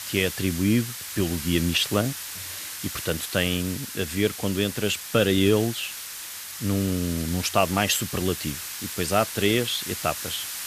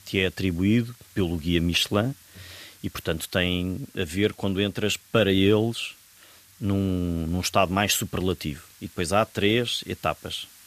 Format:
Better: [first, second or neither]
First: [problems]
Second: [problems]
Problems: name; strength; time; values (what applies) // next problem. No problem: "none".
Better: second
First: hiss; loud; throughout; 7 dB below the speech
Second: hiss; faint; throughout; 25 dB below the speech